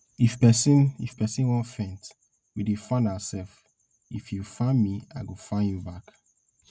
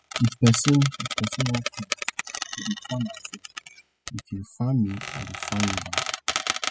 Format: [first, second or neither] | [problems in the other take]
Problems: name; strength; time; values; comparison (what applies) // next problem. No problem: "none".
first | noise reduction (classical method spectral subtraction)